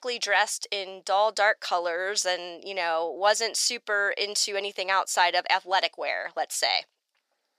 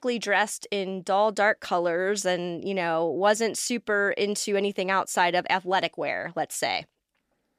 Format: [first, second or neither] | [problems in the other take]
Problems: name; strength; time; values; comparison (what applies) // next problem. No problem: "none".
second | thin; very; fading below 700 Hz